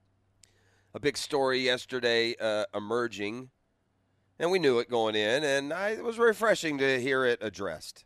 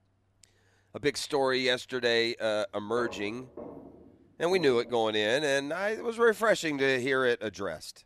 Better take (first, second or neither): first